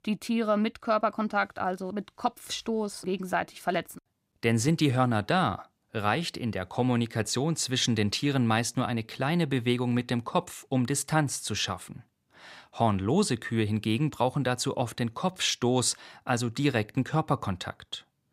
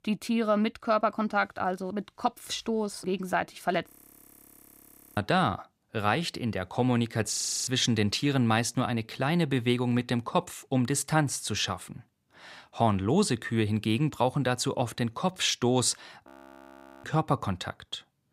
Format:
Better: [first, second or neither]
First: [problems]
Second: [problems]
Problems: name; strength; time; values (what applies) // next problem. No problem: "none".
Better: first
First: none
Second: audio freezing; at 4 s for 1.5 s, at 7.5 s and at 16 s for 1 s